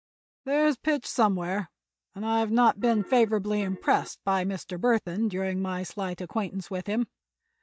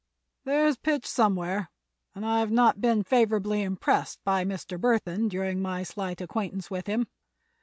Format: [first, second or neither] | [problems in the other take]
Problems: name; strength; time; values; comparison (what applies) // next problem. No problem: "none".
second | noise reduction (neural mask model DeepFilterNet 3)